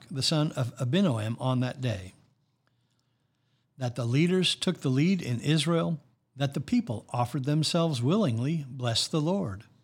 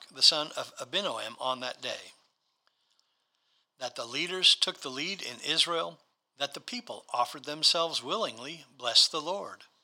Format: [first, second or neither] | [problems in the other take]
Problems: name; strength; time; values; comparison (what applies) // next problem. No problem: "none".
first | thin; very; fading below 700 Hz